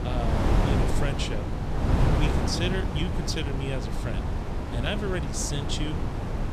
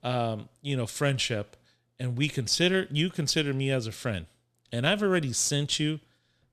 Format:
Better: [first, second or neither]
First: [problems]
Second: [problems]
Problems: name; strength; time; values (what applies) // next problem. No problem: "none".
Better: second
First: wind noise on the microphone; heavy; as loud as the speech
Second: none